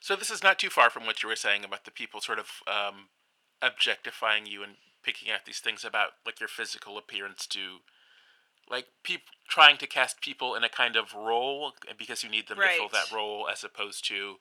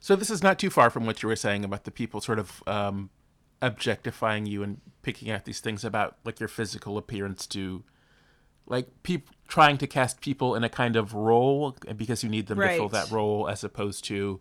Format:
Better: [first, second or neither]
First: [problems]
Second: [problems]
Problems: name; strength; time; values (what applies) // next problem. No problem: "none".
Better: second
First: thin; very; fading below 650 Hz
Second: none